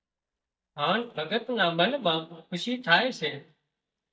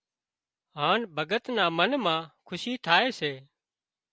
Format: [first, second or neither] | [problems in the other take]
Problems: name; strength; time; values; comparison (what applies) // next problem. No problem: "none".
second | noise reduction (neural mask model DeepFilterNet 3)